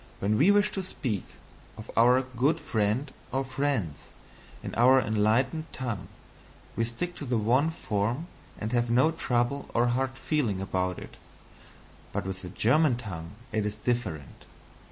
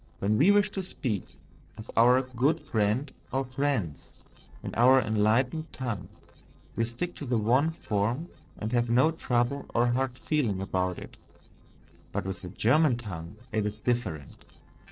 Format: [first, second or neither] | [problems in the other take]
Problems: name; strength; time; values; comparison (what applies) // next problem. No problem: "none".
first | noise reduction (neural separator model SepFormer DNS4)